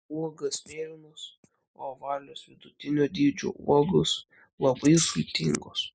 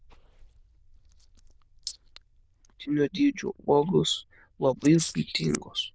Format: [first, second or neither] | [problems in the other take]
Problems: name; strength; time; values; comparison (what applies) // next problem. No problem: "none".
first | noise reduction (neural diffusion model UNIVERSE++)